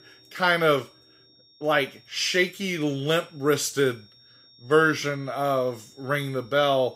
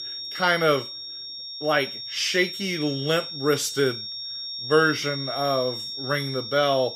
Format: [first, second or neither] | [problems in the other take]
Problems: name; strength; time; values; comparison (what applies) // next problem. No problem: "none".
first | high-pitched whine; loud; throughout; 5.5 kHz, 7 dB below the speech; faint in the first